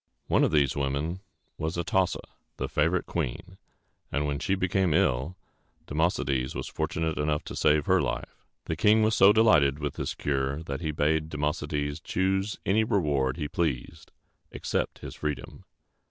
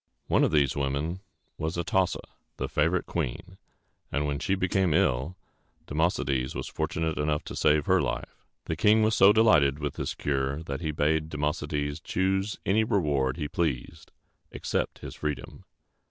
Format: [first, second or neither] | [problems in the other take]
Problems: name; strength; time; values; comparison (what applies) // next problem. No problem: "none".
first | background sound (Hi-hat); 15 dB below the speech